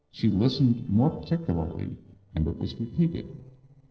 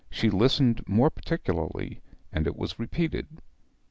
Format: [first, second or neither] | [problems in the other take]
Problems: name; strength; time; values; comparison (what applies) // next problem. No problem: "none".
second | noise reduction (neural separator model SepFormer DNS4)